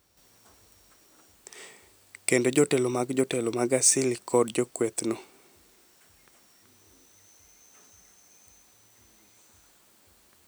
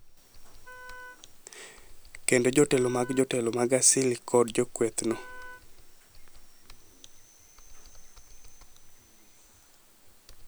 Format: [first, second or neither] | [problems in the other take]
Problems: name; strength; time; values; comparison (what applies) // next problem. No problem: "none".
first | background sound (Computer keyboard + Wind instrument, woodwind instrument); 17 dB below the speech